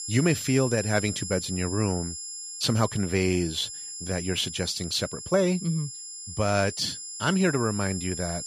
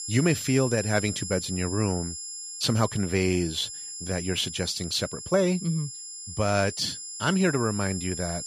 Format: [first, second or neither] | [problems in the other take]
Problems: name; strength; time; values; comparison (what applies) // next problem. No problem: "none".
neither | high-pitched whine; loud; throughout; 7.5 kHz, 8 dB below the speech; the same in both